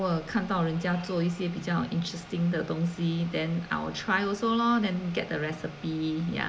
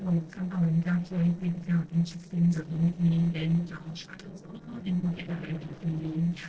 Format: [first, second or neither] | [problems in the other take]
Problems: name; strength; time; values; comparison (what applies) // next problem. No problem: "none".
first | noise reduction (neural separator model SepFormer DNS4)